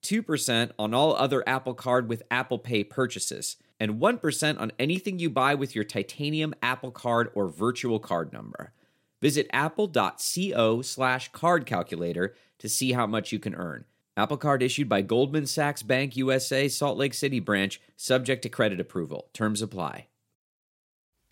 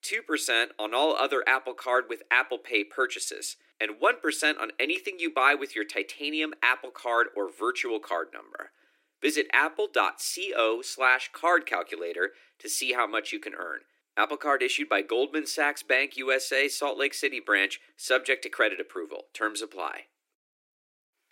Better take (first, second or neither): first